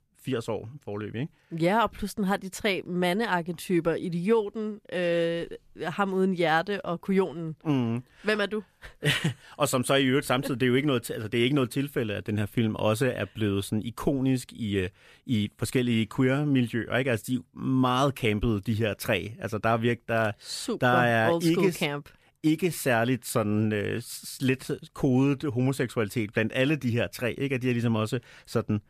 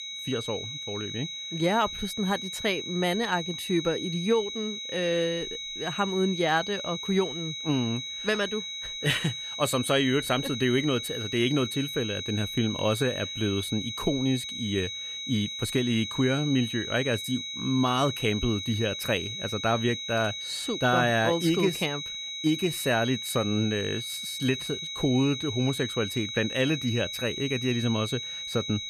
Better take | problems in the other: first | high-pitched whine; loud; throughout; 4 kHz, 5 dB below the speech

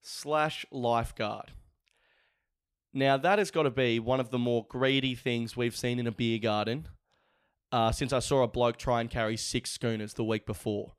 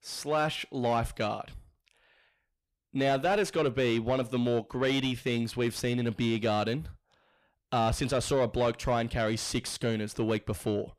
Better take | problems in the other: first | distortion; slight; 10 dB below the speech

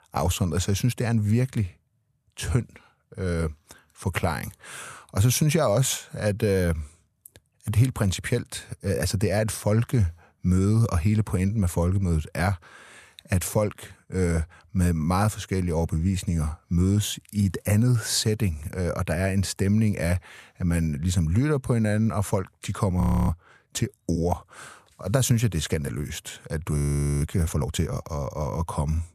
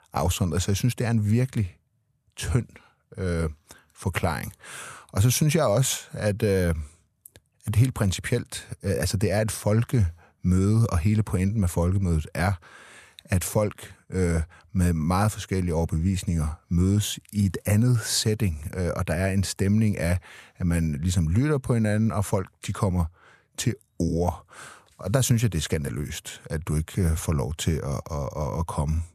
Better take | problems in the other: second | audio freezing; at 23 s and at 27 s

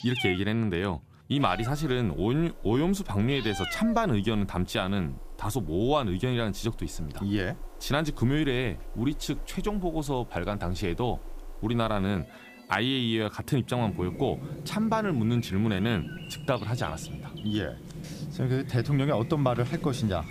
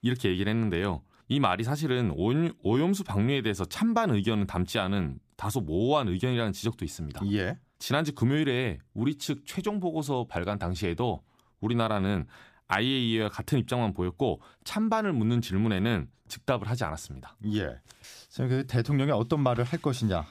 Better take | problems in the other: second | animal sounds; noticeable; throughout; 10 dB below the speech

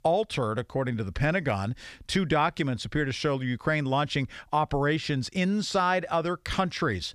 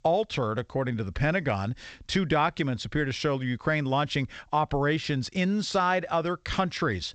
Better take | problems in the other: first | garbled, watery; slightly; nothing above 8 kHz

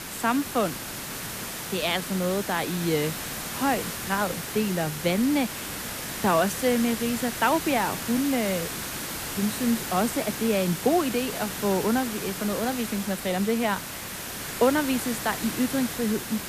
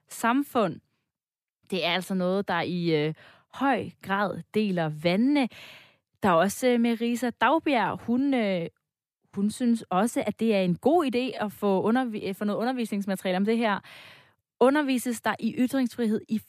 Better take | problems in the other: second | hiss; loud; throughout; 6 dB below the speech

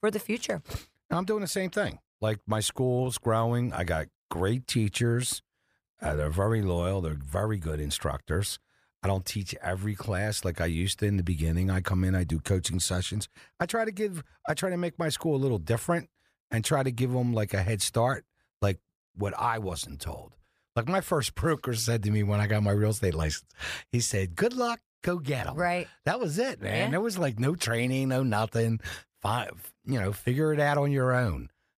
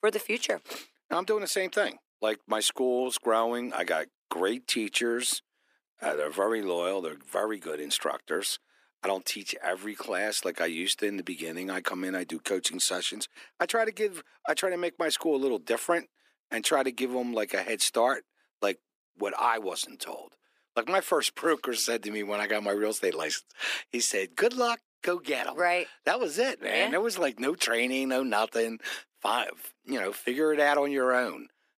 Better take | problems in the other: first | thin; somewhat; fading below 250 Hz

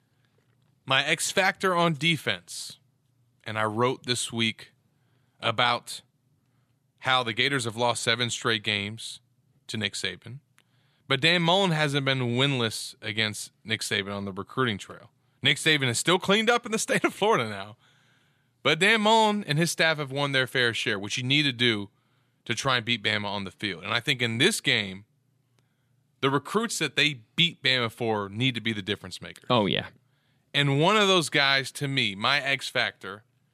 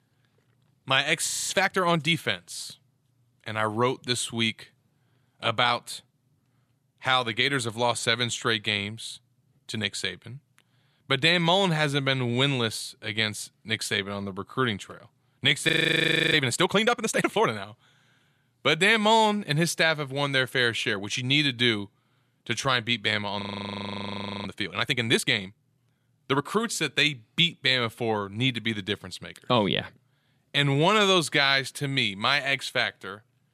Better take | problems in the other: first | audio freezing; at 1.5 s, at 16 s for 0.5 s and at 23 s for 1 s

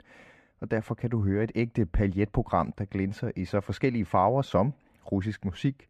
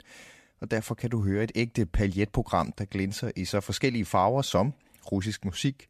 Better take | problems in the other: second | muffled; slightly; fading above 3 kHz

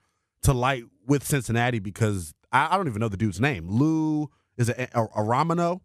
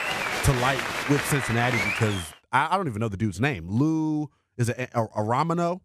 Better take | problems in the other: first | crowd noise; loud; until 2 s; 1 dB below the speech

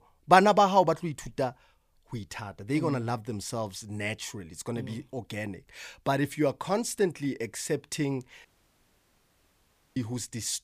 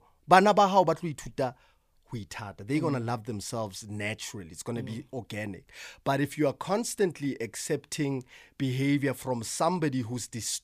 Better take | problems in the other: second | audio cutting out; at 8.5 s for 1.5 s

